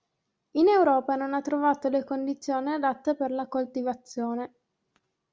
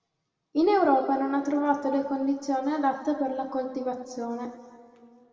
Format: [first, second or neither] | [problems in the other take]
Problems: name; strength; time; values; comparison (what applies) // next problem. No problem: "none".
first | room echo; dies away in 1.9 s